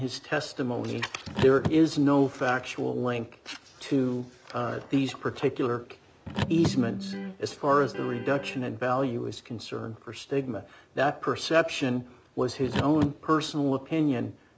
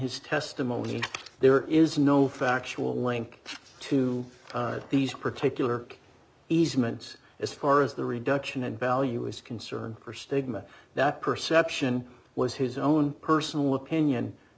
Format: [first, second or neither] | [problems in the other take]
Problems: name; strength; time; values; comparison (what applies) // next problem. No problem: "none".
second | background sound (Car + Electric guitar); 9 dB below the speech